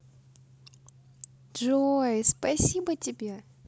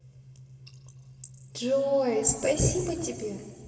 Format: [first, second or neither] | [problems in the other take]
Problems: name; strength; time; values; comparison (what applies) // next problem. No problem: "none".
first | room echo; dies away in 2.3 s